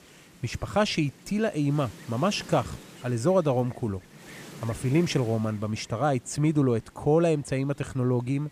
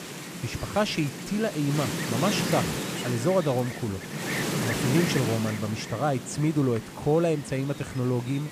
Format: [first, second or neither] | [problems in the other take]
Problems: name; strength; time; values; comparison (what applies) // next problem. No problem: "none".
first | wind noise on the microphone; heavy; 4 dB below the speech; occasional gusts in the first